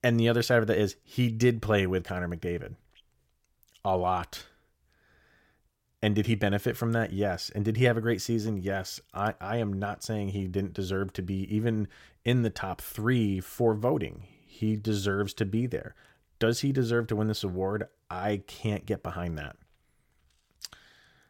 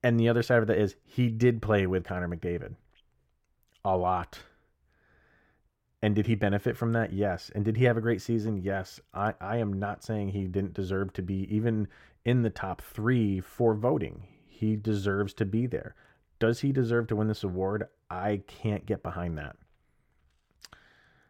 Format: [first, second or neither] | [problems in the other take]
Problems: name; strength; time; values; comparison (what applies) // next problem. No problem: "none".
first | muffled; slightly; fading above 3 kHz